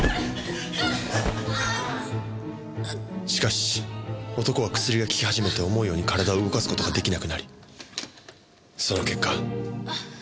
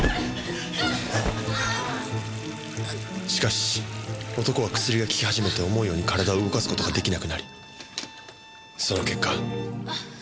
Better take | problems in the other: first | background sound (Bowed string instrument + Bathtub (filling or washing) / Water tap, faucet); 16 dB below the speech

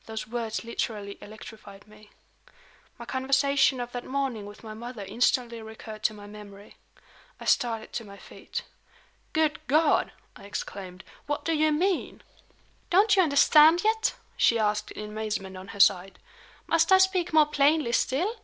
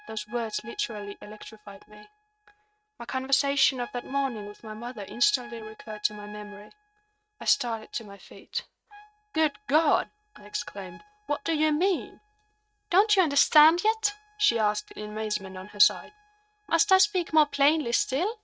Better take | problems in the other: first | noise reduction (neural mask model RNNoise)

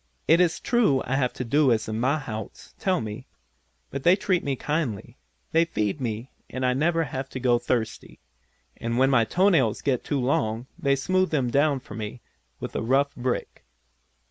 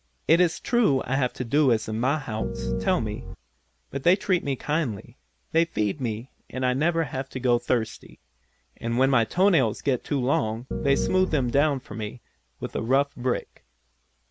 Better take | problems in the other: first | background sound (Piano); 3 dB below the speech

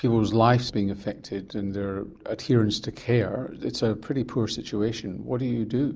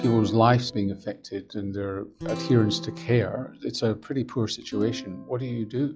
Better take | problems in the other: first | noise reduction (classical method log-MMSE)

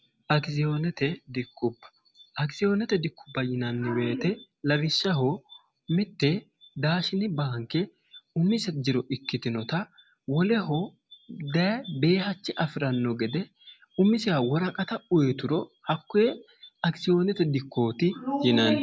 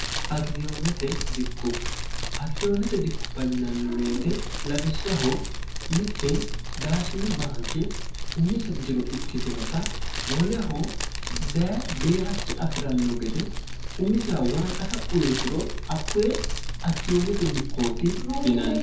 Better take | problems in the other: first | background sound (Fire); 1 dB below the speech // room echo; dies away in 0.5 s

